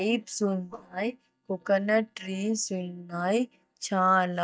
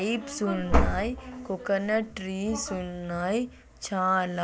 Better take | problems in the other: second | noise reduction (neural mask model DeepFilterNet 3)

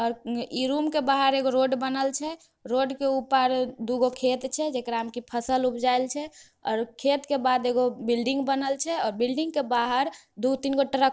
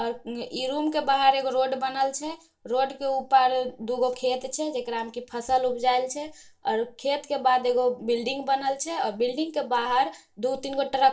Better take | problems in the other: first | room echo; dies away in 0.2 s

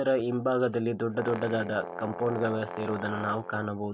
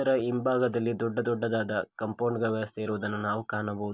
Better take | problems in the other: second | background sound (Brass instrument); 11 dB below the speech

